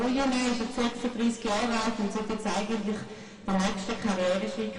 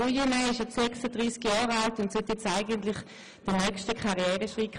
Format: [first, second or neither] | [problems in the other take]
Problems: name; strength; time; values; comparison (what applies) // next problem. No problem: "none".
second | room echo; dies away in 1.7 s